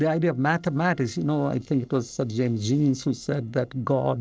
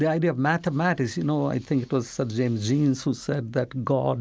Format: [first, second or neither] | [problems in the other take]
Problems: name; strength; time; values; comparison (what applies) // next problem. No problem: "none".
second | noise reduction (neural separator model SepFormer DNS4)